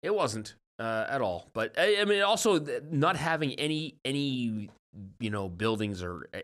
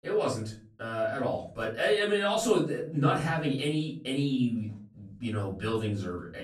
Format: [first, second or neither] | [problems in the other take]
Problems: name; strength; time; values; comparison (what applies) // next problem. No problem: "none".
first | off-mic speech; far // room echo; slight; dies away in 0.4 s